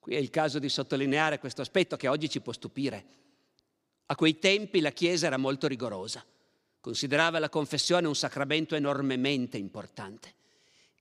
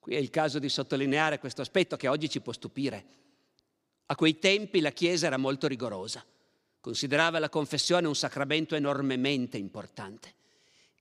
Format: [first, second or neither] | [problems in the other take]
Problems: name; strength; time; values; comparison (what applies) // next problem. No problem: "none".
neither | none